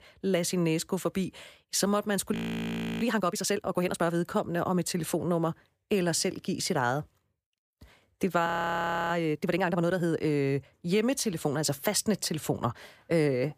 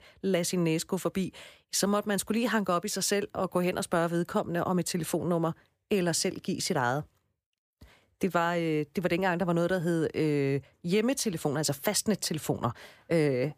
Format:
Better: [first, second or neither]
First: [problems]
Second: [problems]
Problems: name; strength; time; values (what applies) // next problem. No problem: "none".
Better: second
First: audio freezing; at 2.5 s for 0.5 s and at 8.5 s for 0.5 s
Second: none